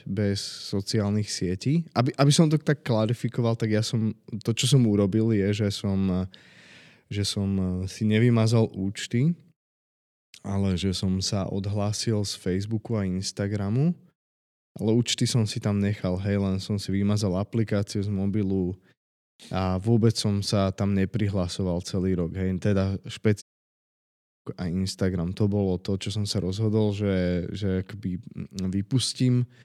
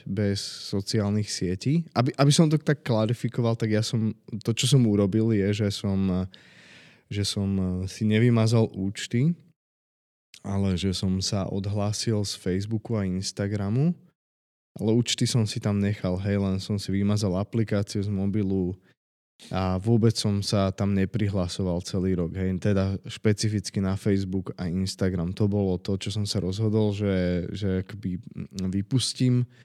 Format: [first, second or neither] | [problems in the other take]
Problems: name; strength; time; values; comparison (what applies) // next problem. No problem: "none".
second | audio cutting out; at 23 s for 1 s